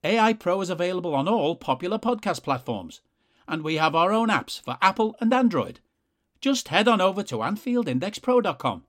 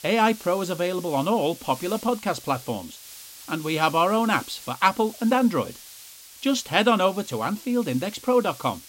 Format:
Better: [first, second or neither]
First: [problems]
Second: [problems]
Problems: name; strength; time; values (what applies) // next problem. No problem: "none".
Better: first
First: none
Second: hiss; noticeable; throughout; 15 dB below the speech